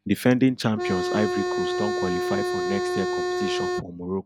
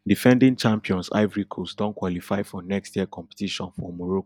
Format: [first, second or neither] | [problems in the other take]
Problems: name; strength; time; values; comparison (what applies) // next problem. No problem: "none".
second | background sound (Organ); as loud as the speech